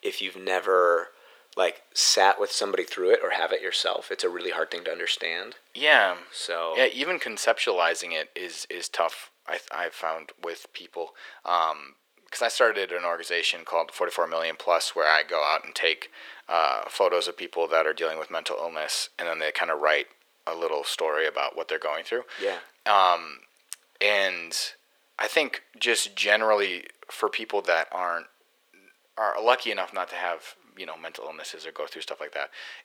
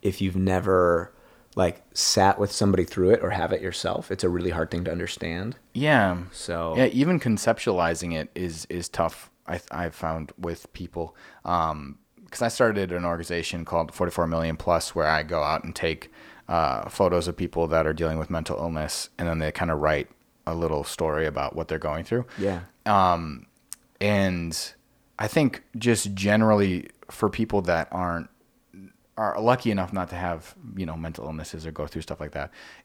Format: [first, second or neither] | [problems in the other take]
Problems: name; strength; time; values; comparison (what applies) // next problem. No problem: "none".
second | thin; very; fading below 450 Hz